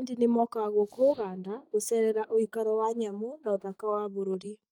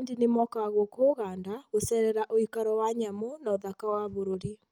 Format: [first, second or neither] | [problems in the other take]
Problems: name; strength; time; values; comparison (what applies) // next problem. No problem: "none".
second | noise reduction (neural mask model DeepFilterNet 3)